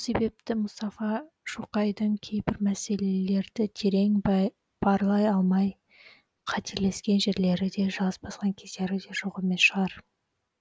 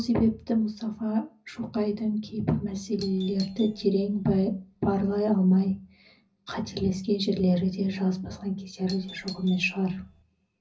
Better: first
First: none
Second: background sound (Doorbell); 19 dB below the speech // room echo; dies away in 0.4 s

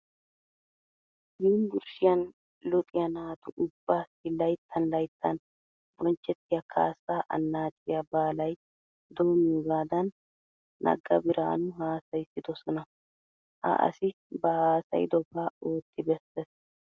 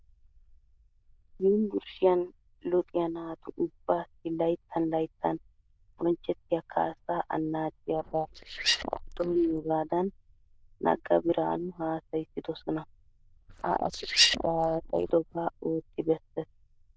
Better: first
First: none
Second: noise reduction (neural diffusion model UNIVERSE++)

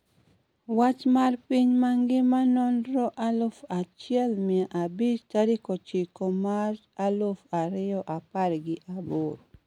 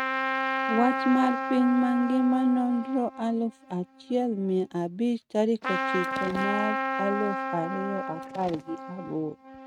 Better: first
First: none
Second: noise reduction (neural mask model RNNoise)

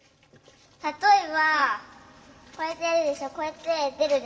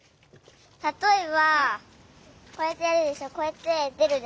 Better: second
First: room echo; dies away in 2.8 s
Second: none

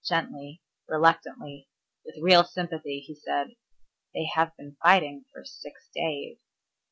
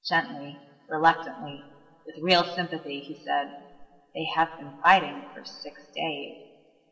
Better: first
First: none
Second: room echo; dies away in 2.7 s

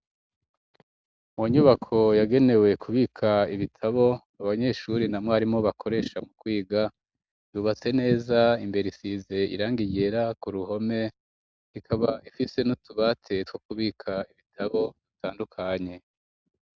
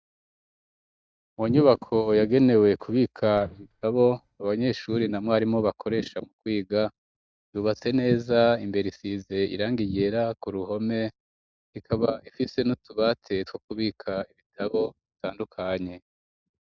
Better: first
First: none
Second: noise reduction (neural mask model DeepFilterNet 3)

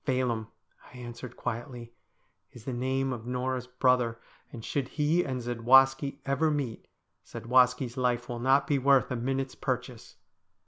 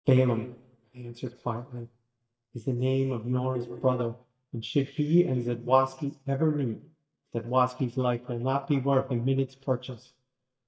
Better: first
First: none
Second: noise reduction (neural mask model DeepFilterNet 3)

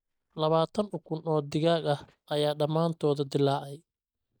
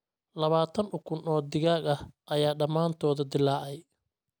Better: second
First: noise reduction (neural mask model DeepFilterNet 3)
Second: none

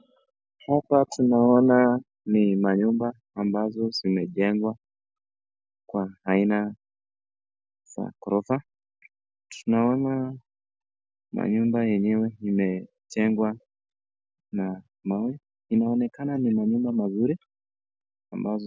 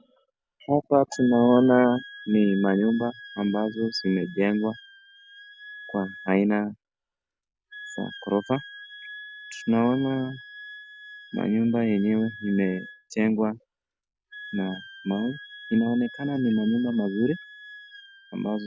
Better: first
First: none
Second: background sound (Wind instrument, woodwind instrument); 18 dB below the speech

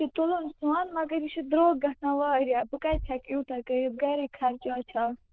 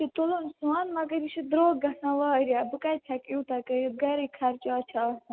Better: second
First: noise reduction (neural diffusion model UNIVERSE++)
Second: none

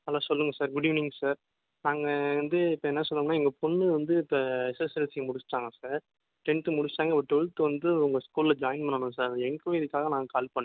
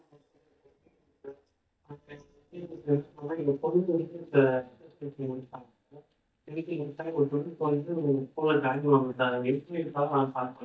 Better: first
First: none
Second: noise reduction (neural mask model DeepFilterNet 3)

